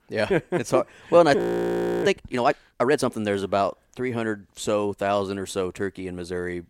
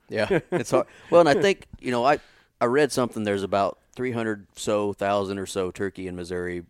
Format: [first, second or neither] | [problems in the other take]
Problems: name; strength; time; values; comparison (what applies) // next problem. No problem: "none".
second | audio freezing; at 1.5 s for 0.5 s